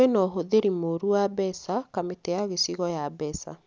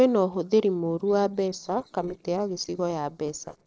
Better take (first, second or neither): first